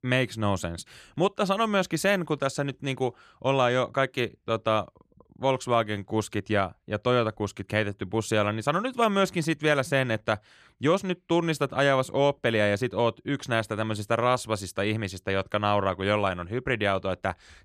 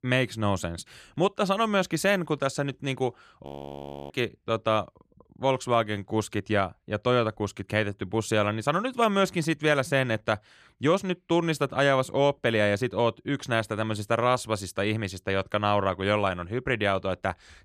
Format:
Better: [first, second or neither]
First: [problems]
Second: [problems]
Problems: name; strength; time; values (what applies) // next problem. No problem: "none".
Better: first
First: none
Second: audio freezing; at 3.5 s for 0.5 s